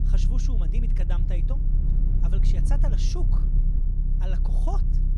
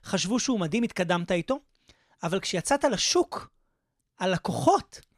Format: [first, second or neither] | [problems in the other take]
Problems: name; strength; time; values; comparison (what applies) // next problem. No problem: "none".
second | low rumble; loud; throughout; 3 dB below the speech